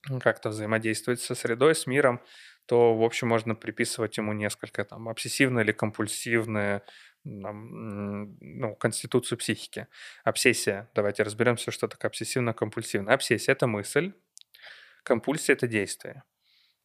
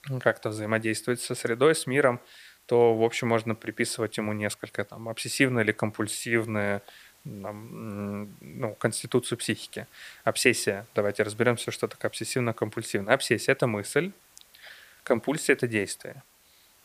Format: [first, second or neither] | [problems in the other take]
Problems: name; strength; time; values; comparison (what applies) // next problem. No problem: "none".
first | hiss; faint; throughout; 30 dB below the speech